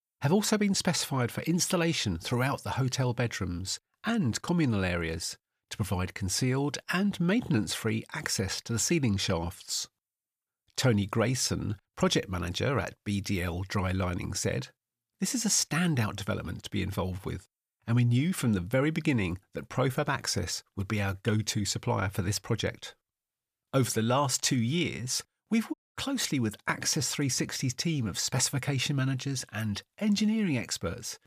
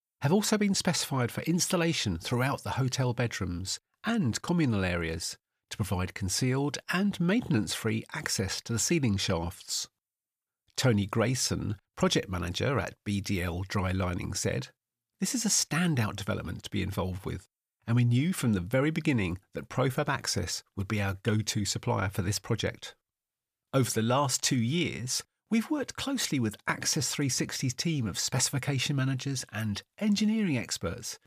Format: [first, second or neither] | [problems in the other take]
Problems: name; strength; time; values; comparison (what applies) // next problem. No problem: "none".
second | audio cutting out; at 26 s